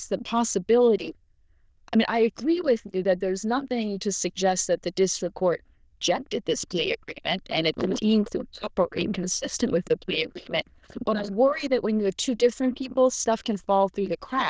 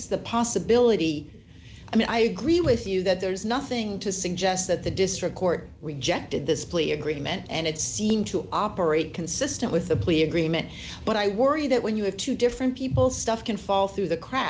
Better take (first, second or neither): second